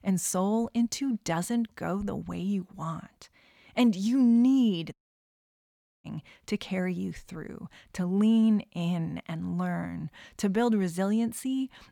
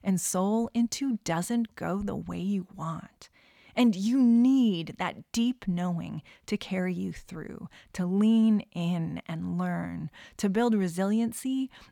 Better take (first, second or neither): second